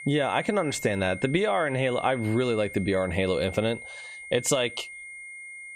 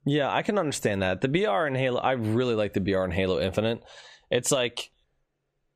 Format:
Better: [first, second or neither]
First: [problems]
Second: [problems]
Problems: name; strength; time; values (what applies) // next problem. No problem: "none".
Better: second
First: high-pitched whine; noticeable; throughout; 2 kHz, 15 dB below the speech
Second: none